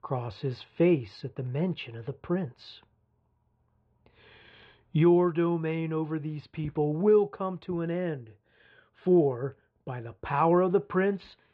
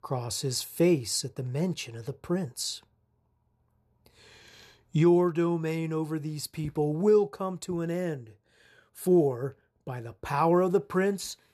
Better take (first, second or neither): second